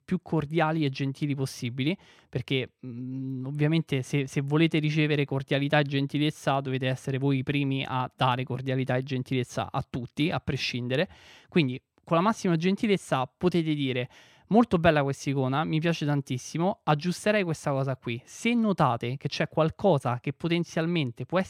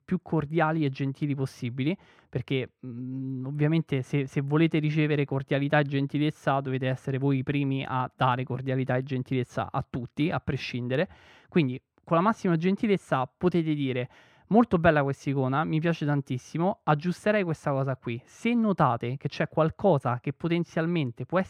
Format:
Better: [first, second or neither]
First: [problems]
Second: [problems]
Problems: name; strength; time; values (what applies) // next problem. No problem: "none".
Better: first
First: none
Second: muffled; slightly; fading above 2.5 kHz